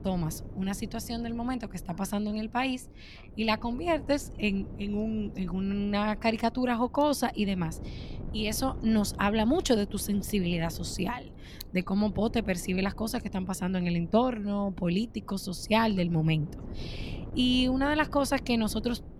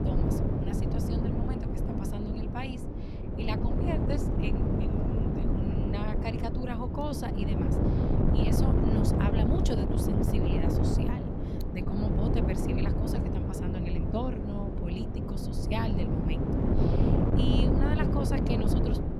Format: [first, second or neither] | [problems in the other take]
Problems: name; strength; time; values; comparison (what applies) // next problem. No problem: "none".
first | wind noise on the microphone; heavy; 4 dB above the speech; occasional gusts in the first